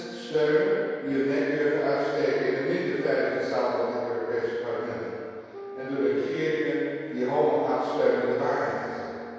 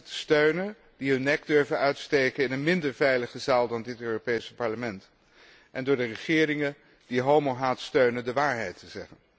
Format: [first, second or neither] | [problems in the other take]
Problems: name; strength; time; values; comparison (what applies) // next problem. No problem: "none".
second | background sound (Wind instrument, woodwind instrument); 15 dB below the speech // room echo; dies away in 2.2 s